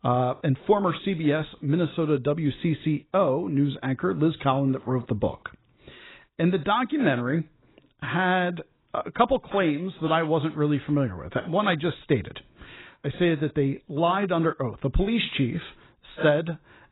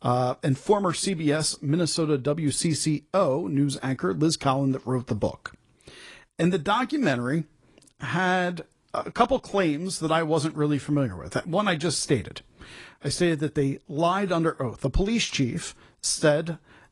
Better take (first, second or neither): second